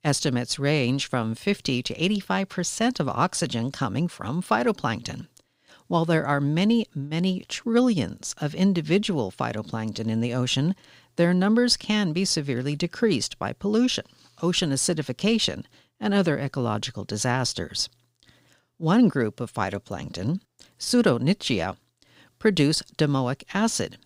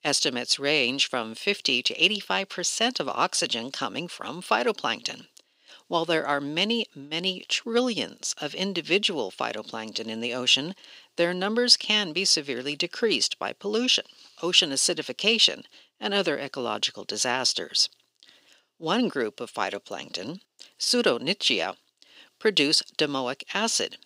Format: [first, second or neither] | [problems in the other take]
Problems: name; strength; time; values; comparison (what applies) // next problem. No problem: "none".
first | thin; somewhat; fading below 400 Hz